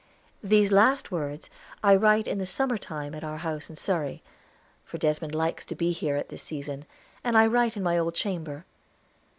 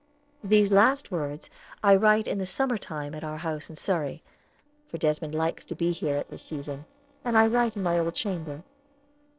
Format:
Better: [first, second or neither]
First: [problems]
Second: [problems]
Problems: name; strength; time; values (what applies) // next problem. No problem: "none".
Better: first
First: none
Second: noise reduction (neural separator model SepFormer DNS4)